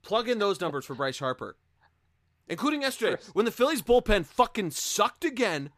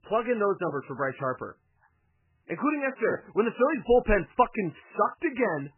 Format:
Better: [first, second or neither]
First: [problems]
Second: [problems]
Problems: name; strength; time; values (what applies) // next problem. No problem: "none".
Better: first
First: none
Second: garbled, watery; badly; nothing above 3 kHz